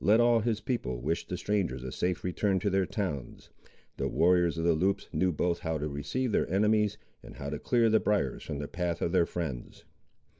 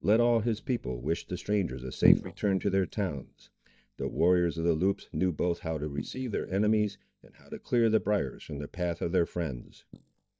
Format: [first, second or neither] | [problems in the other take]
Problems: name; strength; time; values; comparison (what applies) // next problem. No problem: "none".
first | noise reduction (neural mask model DeepFilterNet 3)